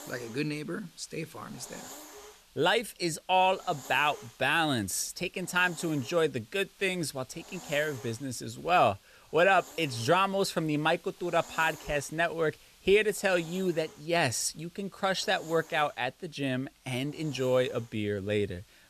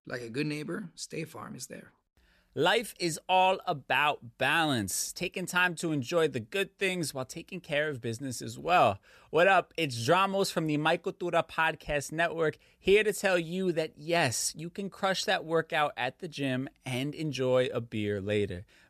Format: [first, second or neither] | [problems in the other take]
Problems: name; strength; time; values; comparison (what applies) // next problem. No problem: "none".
second | hiss; faint; throughout; 20 dB below the speech